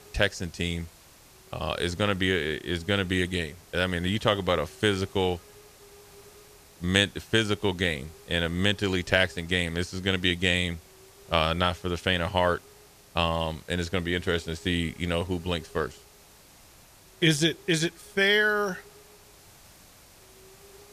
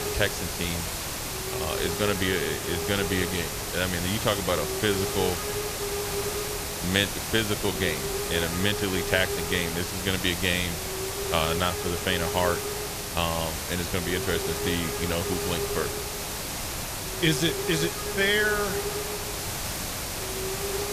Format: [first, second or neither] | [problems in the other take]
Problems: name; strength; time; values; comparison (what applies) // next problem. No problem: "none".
first | hiss; loud; throughout; 2 dB below the speech; faint in the first